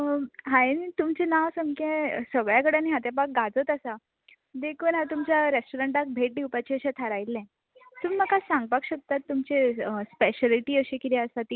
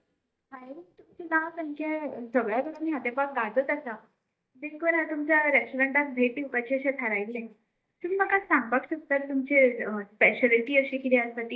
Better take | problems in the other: first | noise reduction (neural mask model DeepFilterNet 3)

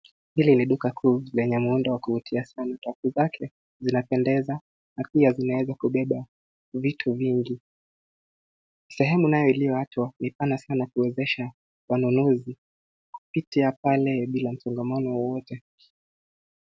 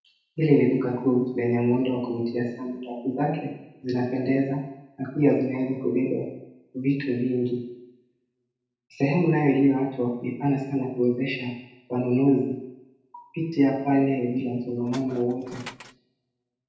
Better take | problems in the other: first | background sound (Tools); 18 dB below the speech // room echo; dies away in 0.8 s

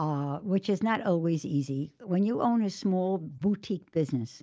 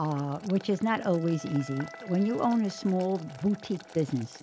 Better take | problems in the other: first | background sound (Boiling + Wind instrument, woodwind instrument); 18 dB below the speech

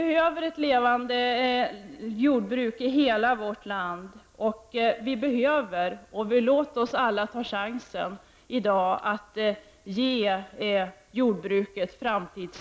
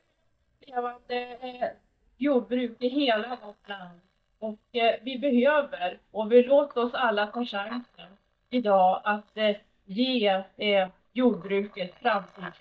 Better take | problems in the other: first | noise reduction (neural mask model DeepFilterNet 3)

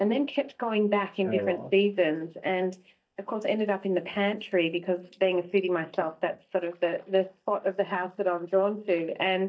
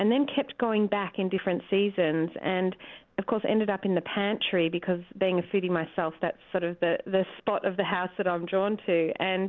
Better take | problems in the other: second | noise reduction (neural mask model DeepFilterNet 3)

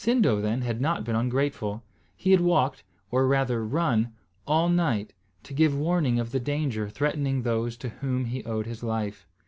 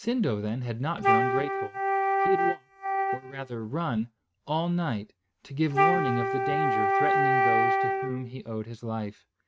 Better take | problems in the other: first | noise reduction (neural mask model RNNoise)

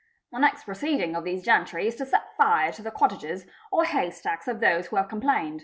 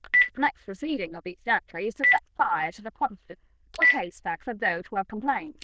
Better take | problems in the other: first | noise reduction (neural diffusion model UNIVERSE++)

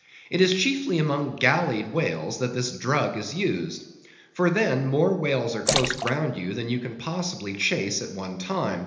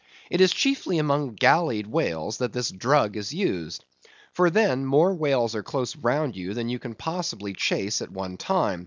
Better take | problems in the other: second | background sound (Splash, splatter); 5 dB below the speech // room echo; dies away in 1 s

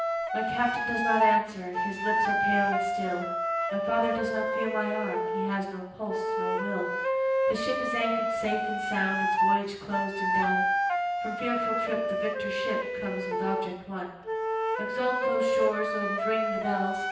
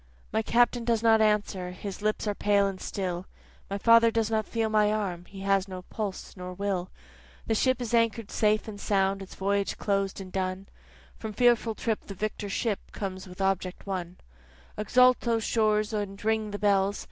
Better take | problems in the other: second | background sound (Wind instrument, woodwind instrument); 4 dB above the speech // room echo; dies away in 0.9 s

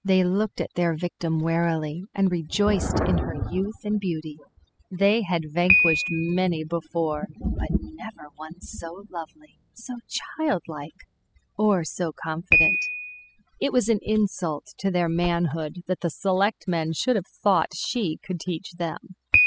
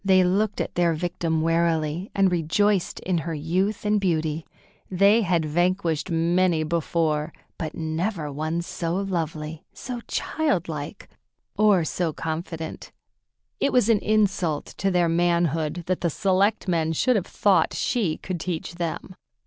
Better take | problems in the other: second | noise reduction (classical method spectral subtraction)

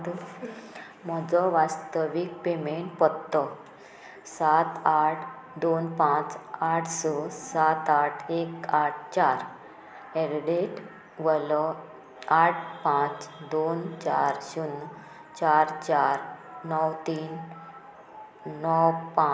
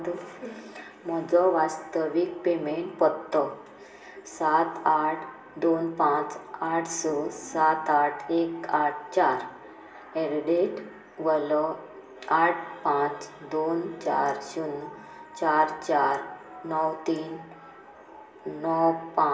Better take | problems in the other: first | room echo; dies away in 0.2 s

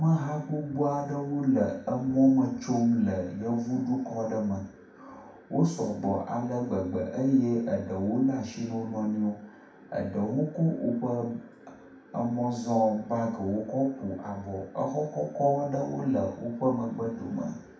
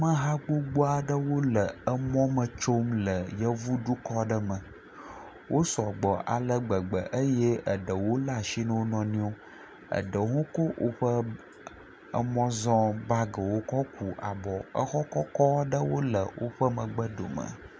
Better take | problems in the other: second | room echo; dies away in 0.6 s

